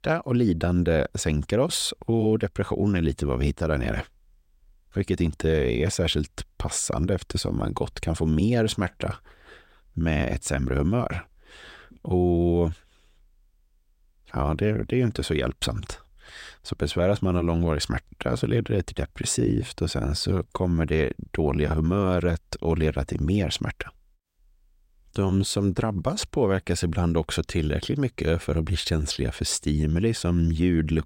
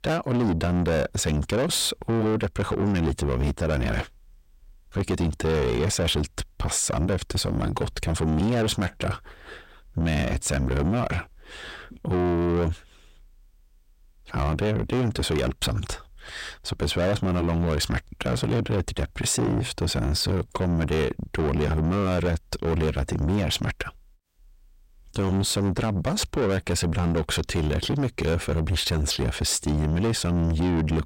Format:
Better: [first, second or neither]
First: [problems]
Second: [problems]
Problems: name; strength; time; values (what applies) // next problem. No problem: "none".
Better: first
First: none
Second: distortion; heavy; 8 dB below the speech